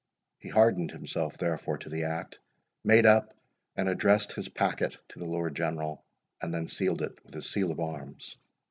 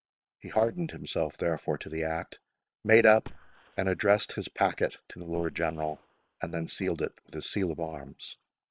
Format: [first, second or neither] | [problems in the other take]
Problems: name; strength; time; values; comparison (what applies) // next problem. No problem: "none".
first | noise reduction (neural separator model SepFormer WHAM!)